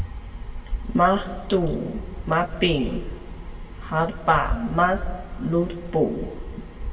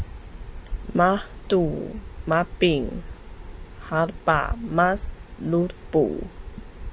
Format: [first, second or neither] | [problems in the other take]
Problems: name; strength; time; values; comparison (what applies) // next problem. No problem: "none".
second | room echo; dies away in 1.6 s